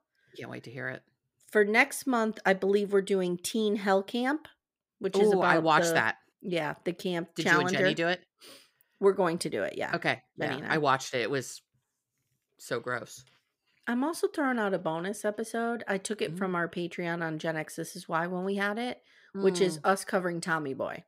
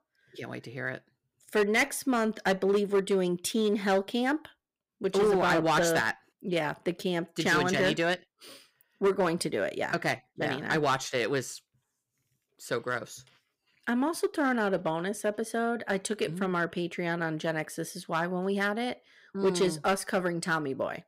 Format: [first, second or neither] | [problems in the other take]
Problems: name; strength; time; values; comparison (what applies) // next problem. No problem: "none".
first | distortion; slight; 4% of the sound clipped